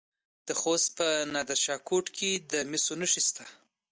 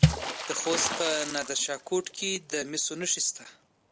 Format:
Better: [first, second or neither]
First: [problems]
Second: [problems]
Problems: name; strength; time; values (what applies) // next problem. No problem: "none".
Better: first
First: none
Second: background sound (Water / Splash, splatter); 1 dB below the speech